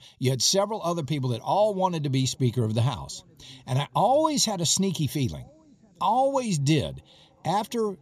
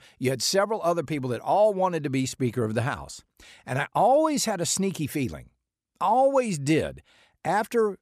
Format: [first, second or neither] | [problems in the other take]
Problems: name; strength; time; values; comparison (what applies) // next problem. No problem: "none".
second | room echo; slight; dies away in 3 s